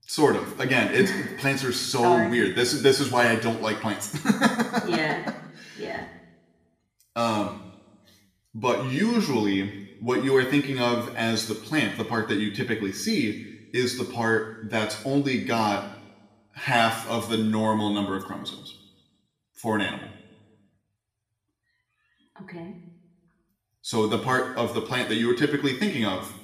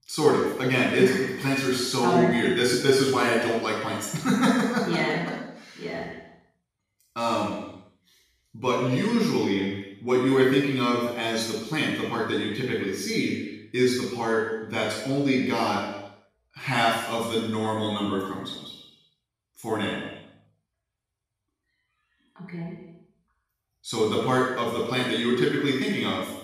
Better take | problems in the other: first | room echo; strong; dies away in 0.9 s; slight in the first // off-mic speech; far; somewhat distant in the first

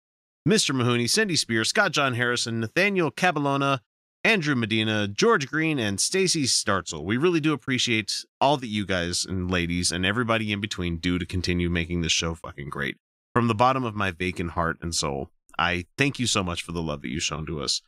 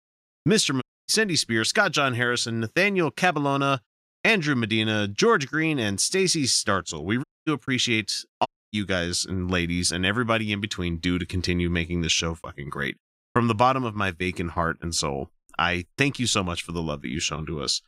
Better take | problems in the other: first | audio cutting out; at 1 s, at 7 s and at 8.5 s

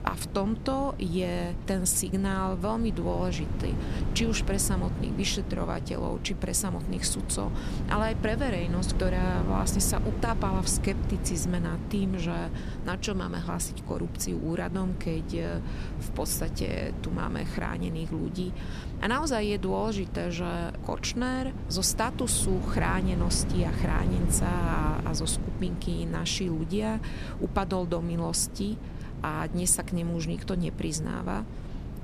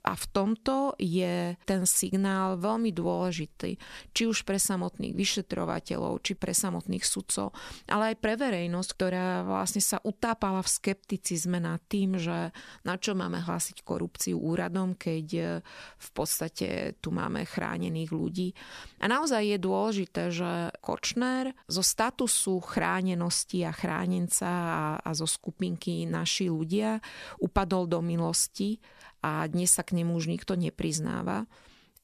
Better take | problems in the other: second | wind noise on the microphone; occasional gusts; 10 dB below the speech

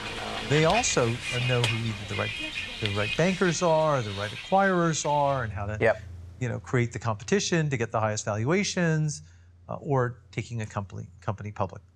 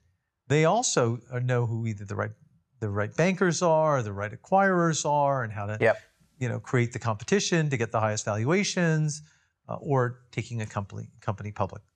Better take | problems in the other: second | traffic noise; loud; throughout; 6 dB below the speech

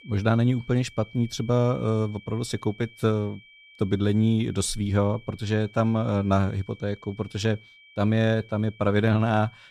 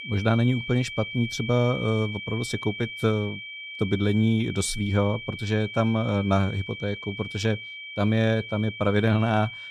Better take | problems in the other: first | high-pitched whine; loud; throughout; 2.5 kHz, 10 dB below the speech; faint in the first

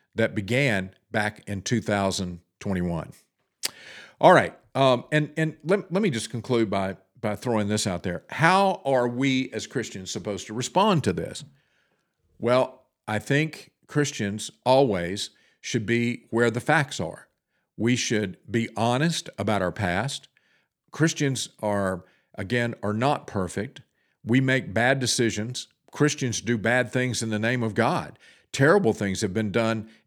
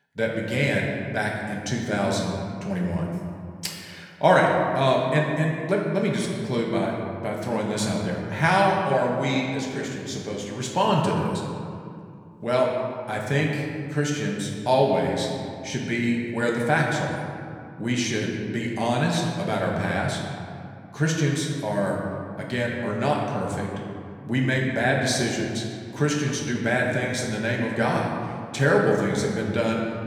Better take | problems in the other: first | room echo; noticeable; dies away in 2 s // off-mic speech; somewhat distant

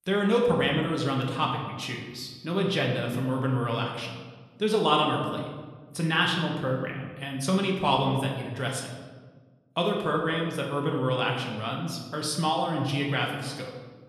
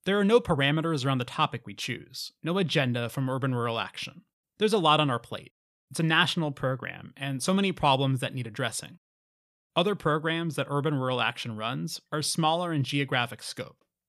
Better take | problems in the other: second | room echo; noticeable; dies away in 1.2 s // off-mic speech; somewhat distant

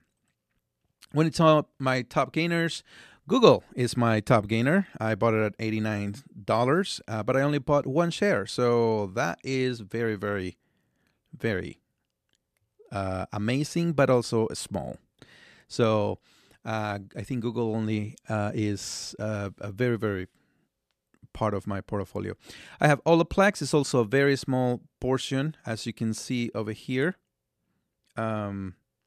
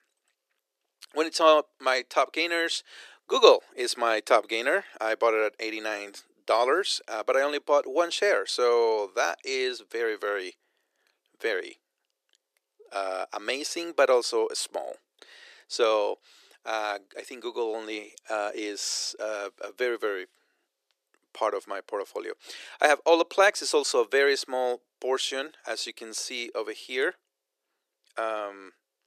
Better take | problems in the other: first | thin; very; fading below 350 Hz

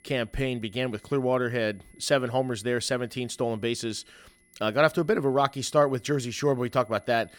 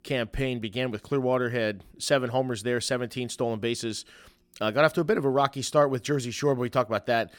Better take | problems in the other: second | high-pitched whine; faint; throughout; 2 kHz, 35 dB below the speech

